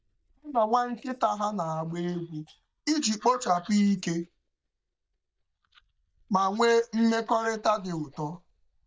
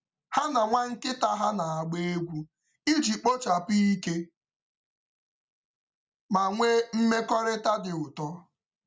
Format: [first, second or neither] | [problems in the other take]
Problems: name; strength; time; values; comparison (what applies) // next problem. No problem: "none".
second | noise reduction (neural mask model DeepFilterNet 3)